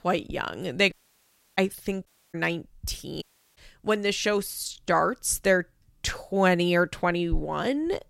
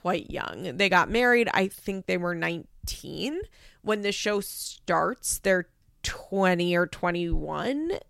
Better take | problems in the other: second | audio cutting out; at 1 s for 0.5 s, at 2 s and at 3 s

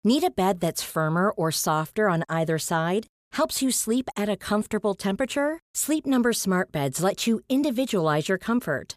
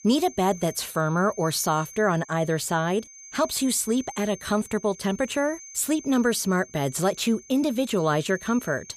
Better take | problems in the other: first | high-pitched whine; noticeable; throughout; 6.5 kHz, 20 dB below the speech

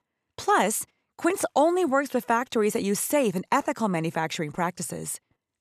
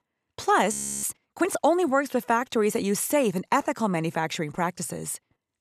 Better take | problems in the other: first | audio freezing; at 0.5 s

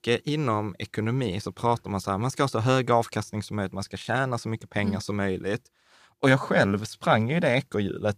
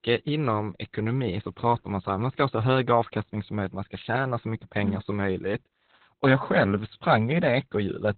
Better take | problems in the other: first | garbled, watery; badly; nothing above 4 kHz

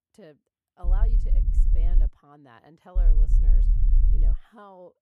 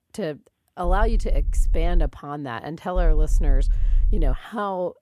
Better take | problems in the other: second | low rumble; loud; from 1 to 2 s and from 3 to 4.5 s; 1 dB below the speech; faint in the second

